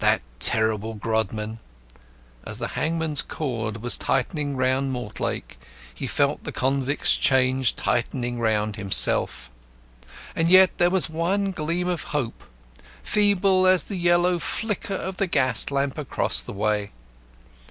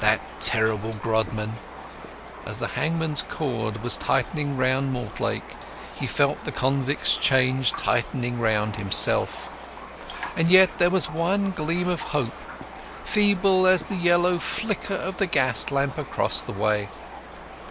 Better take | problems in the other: first | background sound (Raindrop); 13 dB below the speech

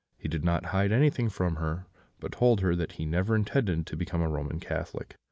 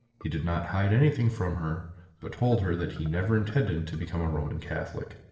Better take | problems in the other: first | noise reduction (neural separator model SepFormer DNS4)

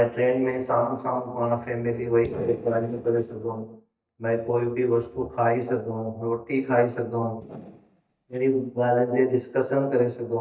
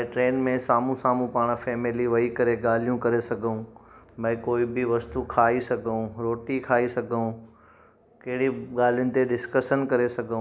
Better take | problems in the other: second | noise reduction (neural mask model DeepFilterNet 3)

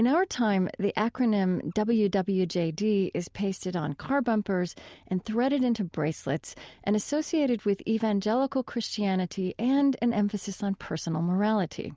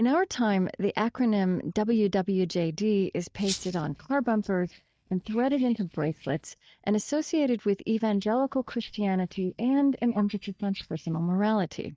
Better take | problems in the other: first | noise reduction (neural mask model DeepFilterNet 3)

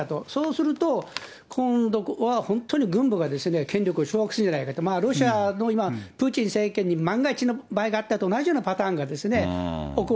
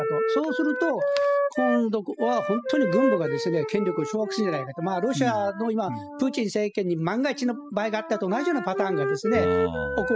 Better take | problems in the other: first | noise reduction (classical method spectral subtraction)

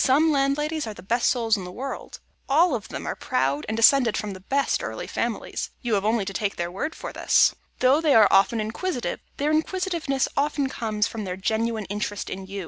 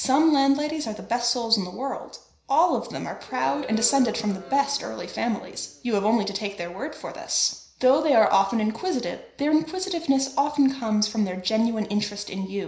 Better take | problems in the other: first | background sound (Crowd); 18 dB below the speech // room echo; dies away in 0.5 s

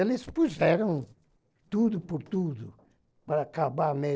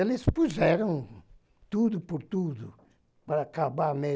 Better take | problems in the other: second | noise reduction (neural separator model SepFormer DNS4)

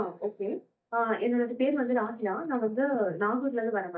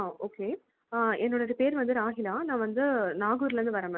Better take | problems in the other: second | noise reduction (neural mask model DeepFilterNet 3)

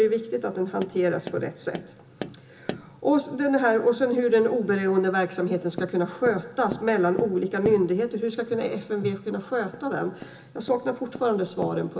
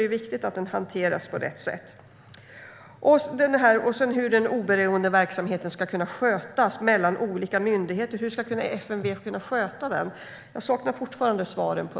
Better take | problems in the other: second | background sound (Tap); 16 dB below the speech // room echo; dies away in 0.2 s

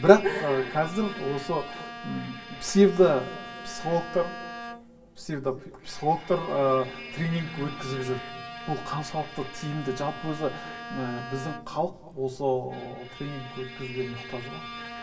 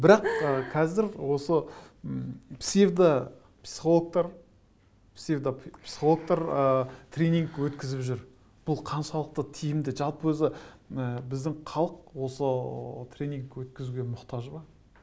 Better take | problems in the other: second | background sound (Bowed string instrument); 13 dB below the speech // room echo; dies away in 2.7 s

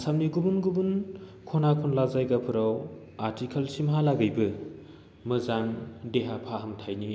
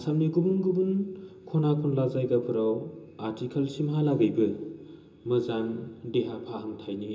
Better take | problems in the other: first | room echo; dies away in 0.2 s

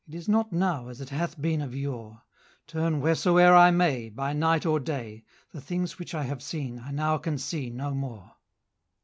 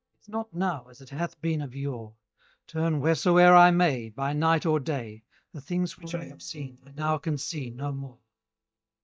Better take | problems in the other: first | noise reduction (neural mask model DeepFilterNet 3)

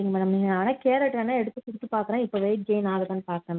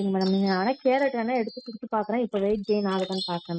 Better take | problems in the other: first | noise reduction (classical method spectral subtraction)

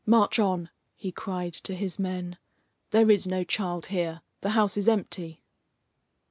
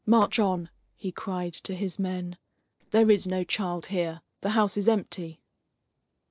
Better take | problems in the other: first | noise reduction (neural separator model SepFormer DNS4)

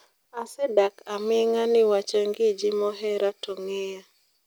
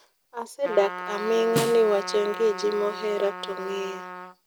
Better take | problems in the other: first | background sound (Snare drum + Trumpet); 9 dB below the speech

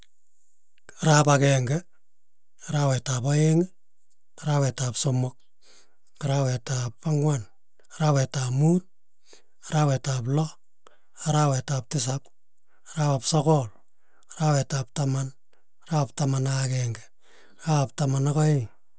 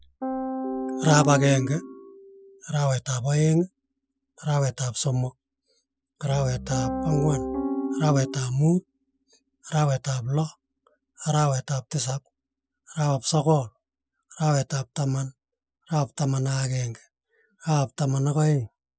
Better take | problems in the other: first | noise reduction (classical method Wiener filter)

